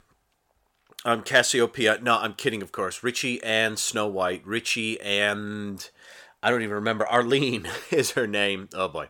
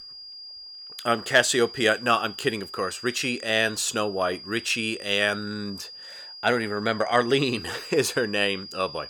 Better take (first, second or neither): first